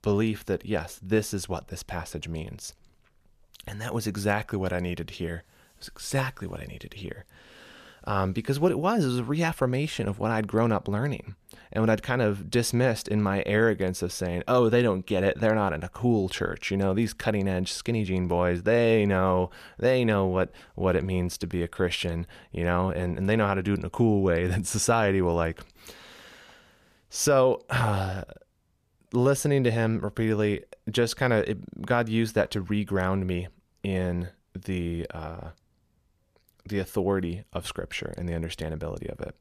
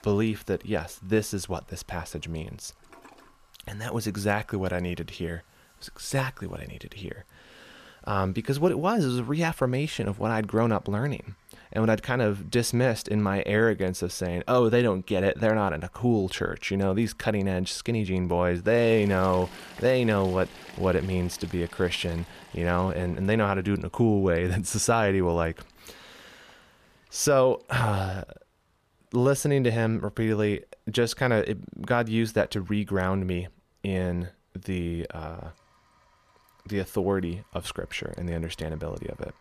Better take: first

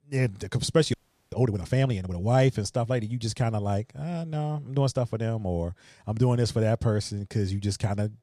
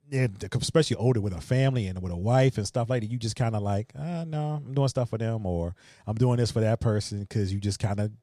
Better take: second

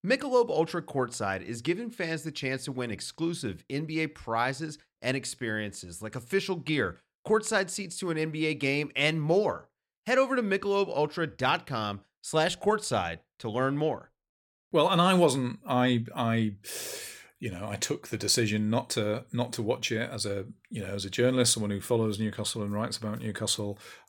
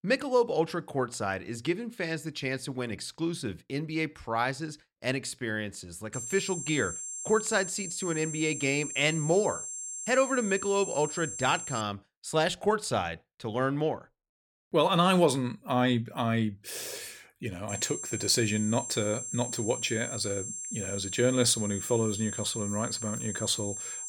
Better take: first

